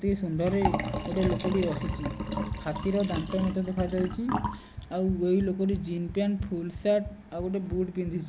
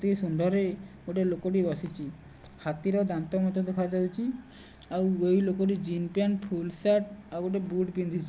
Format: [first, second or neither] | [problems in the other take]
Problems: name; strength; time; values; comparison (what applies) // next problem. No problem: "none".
second | background sound (Liquid + Run); 5 dB below the speech